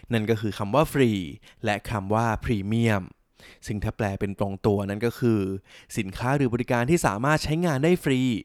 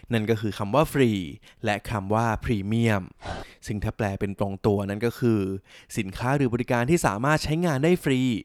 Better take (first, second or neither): first